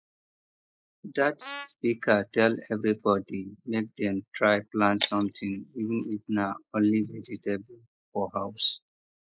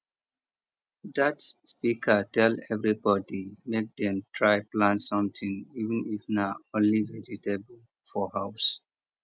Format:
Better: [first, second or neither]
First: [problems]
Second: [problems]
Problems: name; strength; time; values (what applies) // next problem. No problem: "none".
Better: second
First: noise reduction (neural mask model Resemble Enhance denoiser)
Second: none